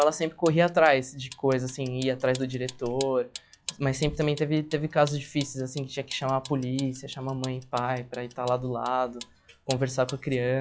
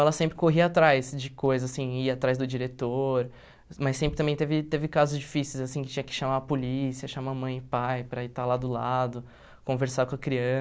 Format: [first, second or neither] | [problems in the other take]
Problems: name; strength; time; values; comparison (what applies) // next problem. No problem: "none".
second | noise reduction (classical method log-MMSE)